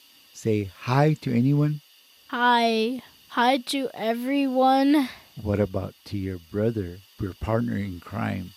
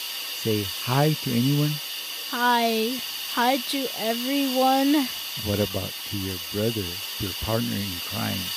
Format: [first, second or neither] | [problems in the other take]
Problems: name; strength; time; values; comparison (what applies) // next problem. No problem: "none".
first | hiss; loud; throughout; 3 dB below the speech; faint in the first